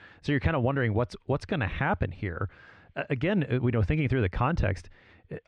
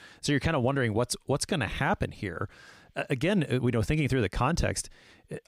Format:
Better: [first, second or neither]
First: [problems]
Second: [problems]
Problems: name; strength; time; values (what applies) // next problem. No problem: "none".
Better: second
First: muffled; slightly; fading above 2.5 kHz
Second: none